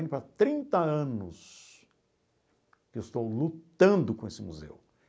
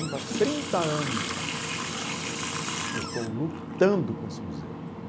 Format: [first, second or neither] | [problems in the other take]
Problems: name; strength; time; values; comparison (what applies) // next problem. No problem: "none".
first | background sound (Water tap, faucet); 2 dB below the speech